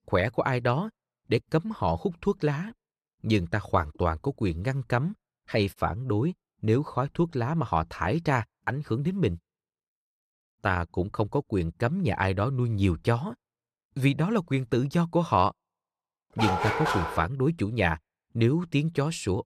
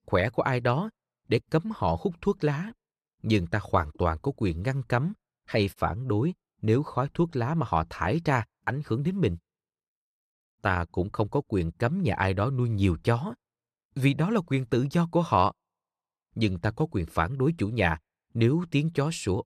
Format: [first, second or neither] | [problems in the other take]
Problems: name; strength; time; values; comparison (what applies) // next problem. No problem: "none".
second | dog barking; loud; at 16 s; peak level with the speech